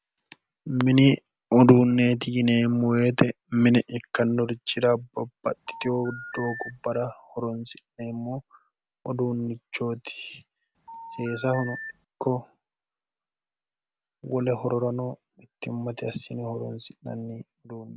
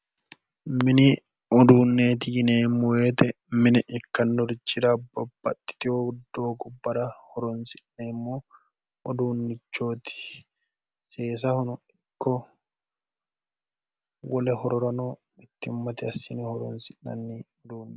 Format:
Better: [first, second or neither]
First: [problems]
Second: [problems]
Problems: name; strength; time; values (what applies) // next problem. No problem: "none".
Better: second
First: background sound (Telephone); 13 dB below the speech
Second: none